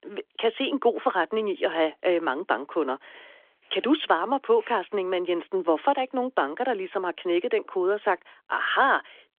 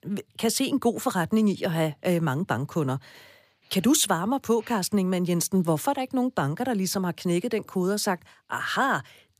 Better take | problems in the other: second | phone-call audio; nothing above 3.5 kHz

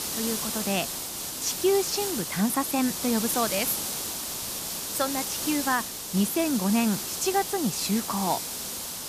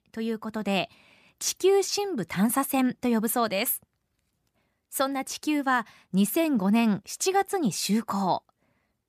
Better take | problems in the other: second | hiss; loud; throughout; 2 dB below the speech

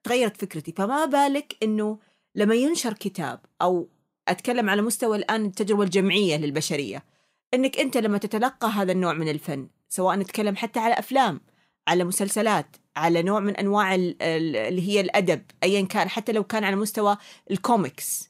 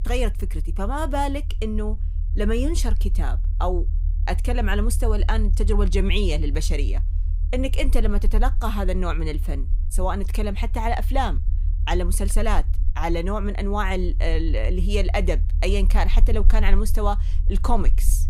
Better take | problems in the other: first | low rumble; noticeable; throughout; 20 dB below the speech

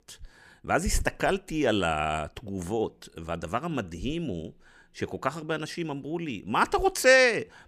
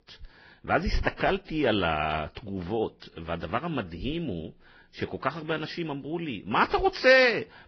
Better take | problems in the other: first | garbled, watery; badly; nothing above 5.5 kHz

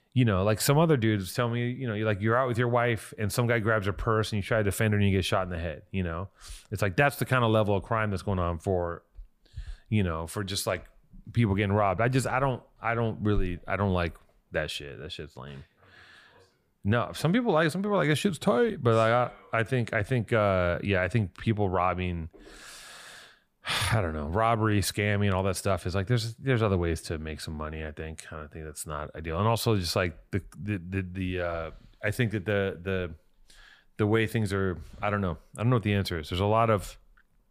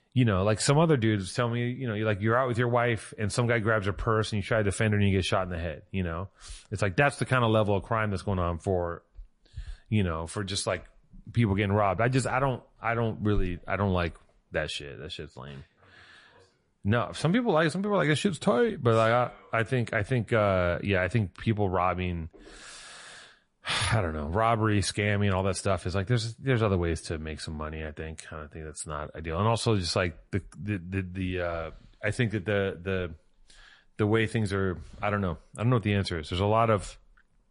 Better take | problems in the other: first | garbled, watery; slightly; nothing above 10.5 kHz

